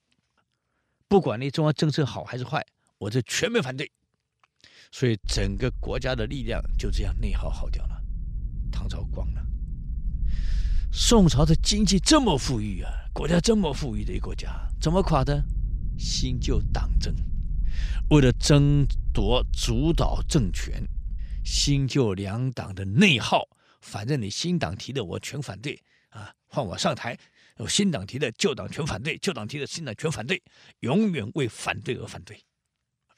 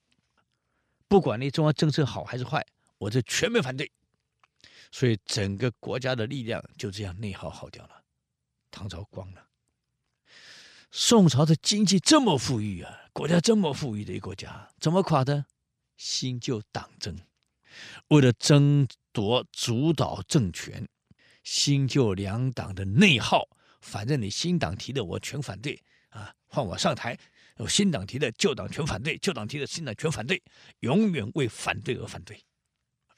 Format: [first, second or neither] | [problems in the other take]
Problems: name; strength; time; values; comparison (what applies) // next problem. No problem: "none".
second | low rumble; faint; from 5 to 22 s; 25 dB below the speech